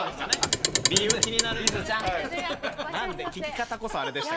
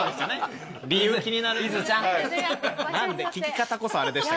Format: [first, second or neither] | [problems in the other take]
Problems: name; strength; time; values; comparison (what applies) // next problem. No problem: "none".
second | background sound (Clock); 1 dB above the speech